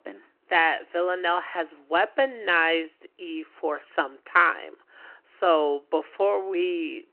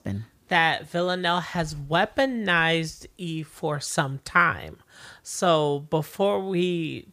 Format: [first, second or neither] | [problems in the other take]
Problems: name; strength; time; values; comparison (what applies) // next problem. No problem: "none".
second | phone-call audio